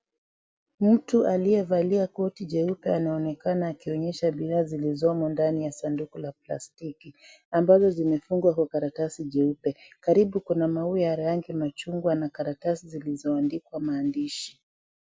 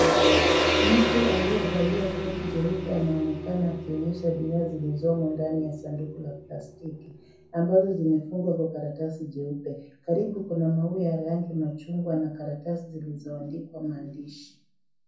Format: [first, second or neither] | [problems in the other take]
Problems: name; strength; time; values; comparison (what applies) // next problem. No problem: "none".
first | background sound (Gong); 2 dB below the speech // room echo; dies away in 0.5 s